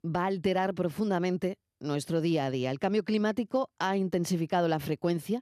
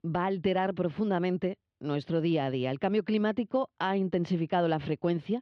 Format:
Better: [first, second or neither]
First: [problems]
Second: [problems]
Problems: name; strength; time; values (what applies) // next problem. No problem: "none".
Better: first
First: none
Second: muffled; slightly; fading above 3.5 kHz